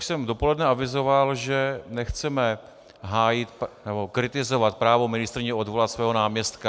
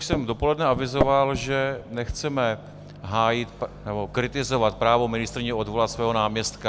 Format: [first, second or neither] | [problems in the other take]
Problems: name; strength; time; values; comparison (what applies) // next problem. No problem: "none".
first | background sound (Microwave oven); 10 dB below the speech